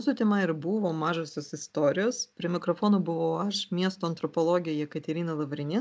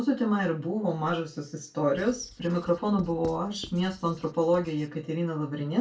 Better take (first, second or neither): first